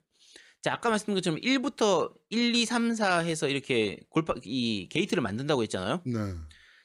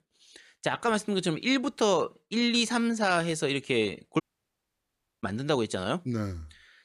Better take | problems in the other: first | audio cutting out; at 4 s for 1 s

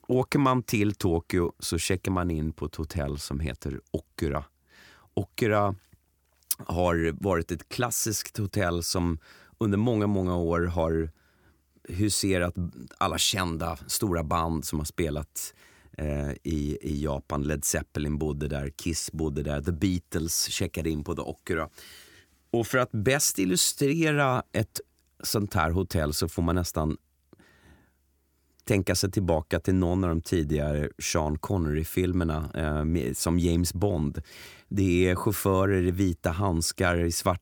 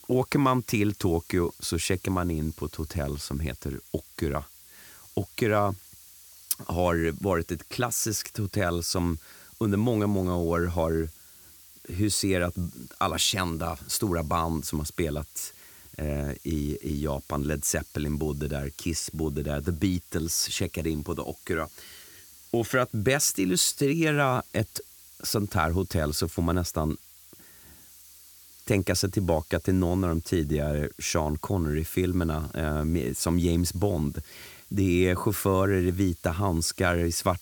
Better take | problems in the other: first | hiss; faint; throughout; 20 dB below the speech

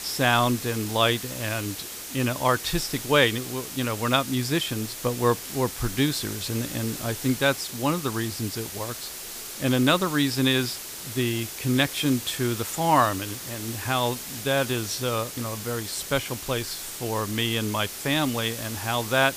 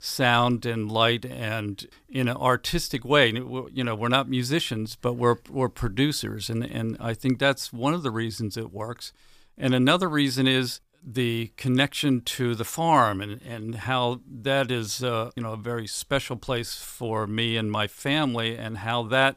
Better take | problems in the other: second | hiss; loud; throughout; 8 dB below the speech

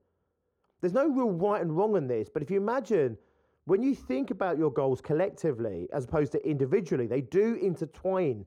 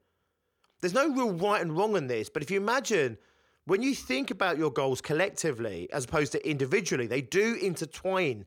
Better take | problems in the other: second | muffled; very; fading above 1.5 kHz

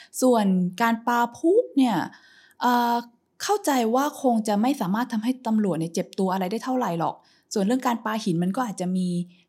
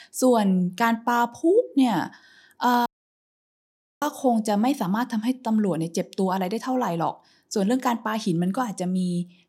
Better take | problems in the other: first | audio cutting out; at 3 s for 1 s

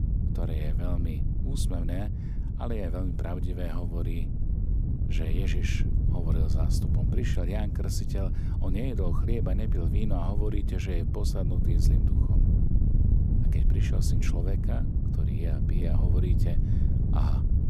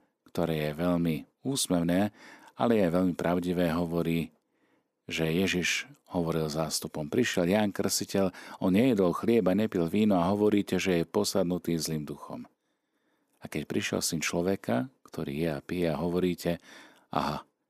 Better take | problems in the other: second | wind noise on the microphone; heavy; 2 dB below the speech

